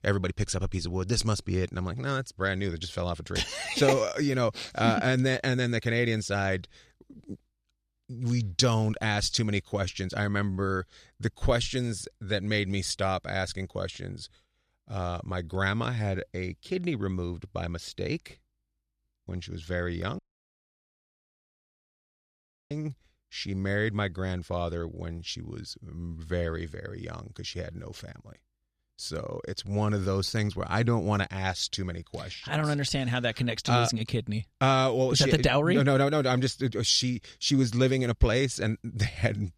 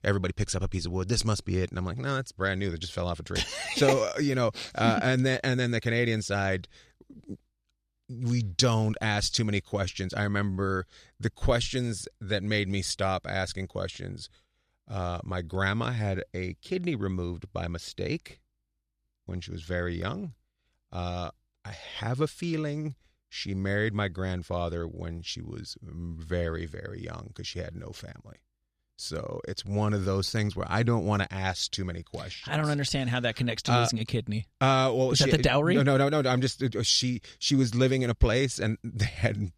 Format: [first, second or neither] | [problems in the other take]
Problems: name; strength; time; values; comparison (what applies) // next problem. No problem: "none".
second | audio cutting out; at 20 s for 2.5 s